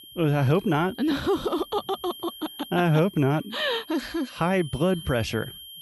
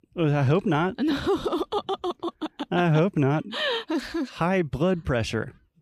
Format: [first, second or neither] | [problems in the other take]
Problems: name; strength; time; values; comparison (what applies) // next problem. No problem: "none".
second | high-pitched whine; noticeable; throughout; 3 kHz, 15 dB below the speech